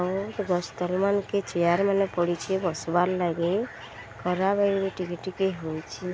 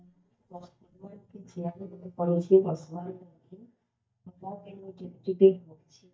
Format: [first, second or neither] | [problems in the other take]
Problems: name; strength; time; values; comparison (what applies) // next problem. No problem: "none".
first | noise reduction (neural mask model DeepFilterNet 3)